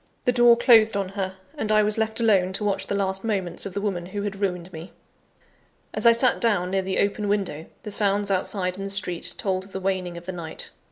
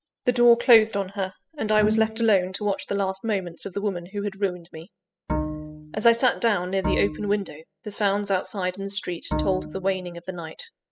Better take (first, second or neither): first